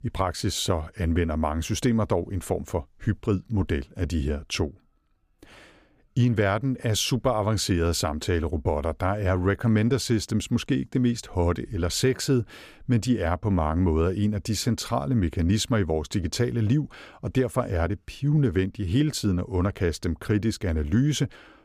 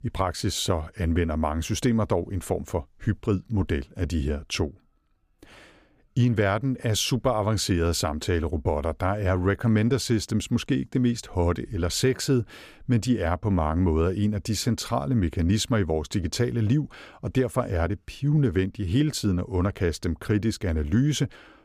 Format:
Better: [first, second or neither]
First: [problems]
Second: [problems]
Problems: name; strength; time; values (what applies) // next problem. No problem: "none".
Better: neither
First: none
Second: none